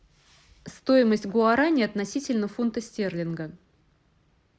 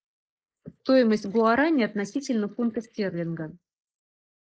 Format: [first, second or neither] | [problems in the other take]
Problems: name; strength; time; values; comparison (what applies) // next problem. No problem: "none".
first | noise reduction (neural mask model Resemble Enhance denoiser)